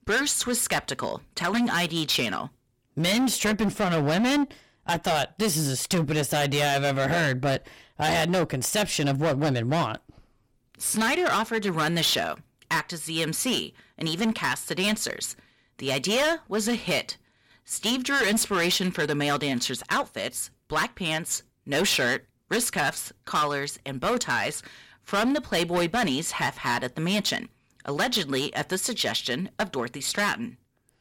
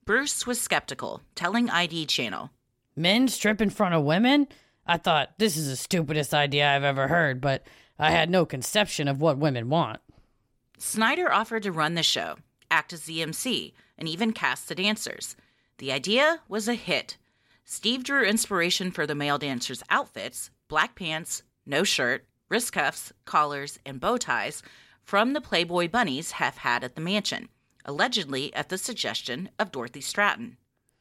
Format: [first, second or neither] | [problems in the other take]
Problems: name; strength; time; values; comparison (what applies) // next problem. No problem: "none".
second | distortion; heavy; 13% of the sound clipped